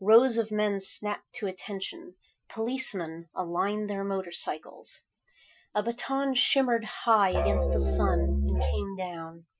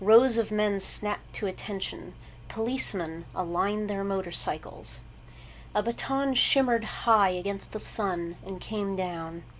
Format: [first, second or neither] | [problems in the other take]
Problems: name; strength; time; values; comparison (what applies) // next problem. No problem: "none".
second | noise reduction (classical method Wiener filter)